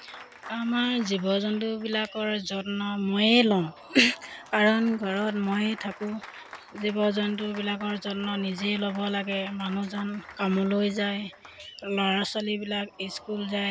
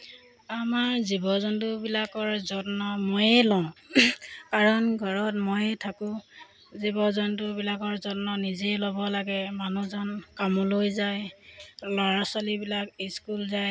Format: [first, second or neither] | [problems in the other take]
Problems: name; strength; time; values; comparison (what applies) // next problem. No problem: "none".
second | background sound (Applause); 19 dB below the speech